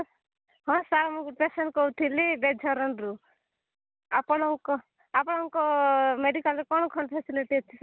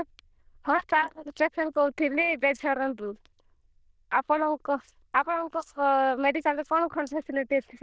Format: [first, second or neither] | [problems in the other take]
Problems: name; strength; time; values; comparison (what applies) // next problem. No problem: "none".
first | noise reduction (neural diffusion model UNIVERSE++)